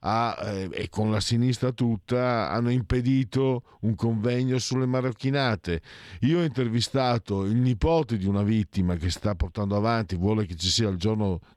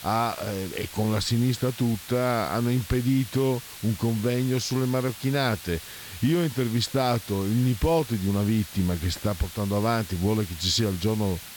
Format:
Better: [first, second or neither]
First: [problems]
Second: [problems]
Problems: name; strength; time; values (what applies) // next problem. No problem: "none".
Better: first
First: none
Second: hiss; noticeable; throughout; 15 dB below the speech